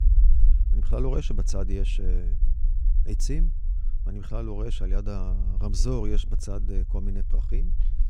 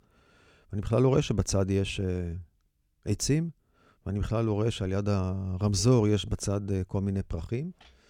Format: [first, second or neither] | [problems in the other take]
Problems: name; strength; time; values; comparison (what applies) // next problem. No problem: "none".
second | low rumble; noticeable; throughout; 15 dB below the speech